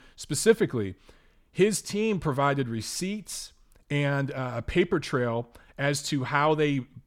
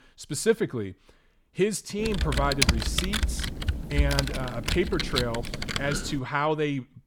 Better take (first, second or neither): first